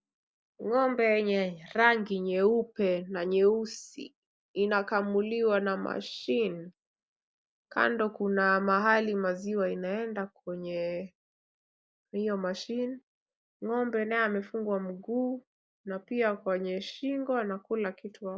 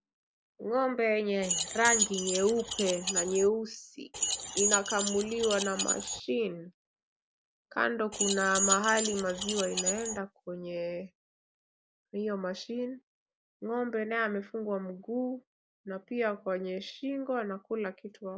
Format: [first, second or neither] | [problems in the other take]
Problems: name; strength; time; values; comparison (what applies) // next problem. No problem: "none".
first | background sound (Keys jangling); as loud as the speech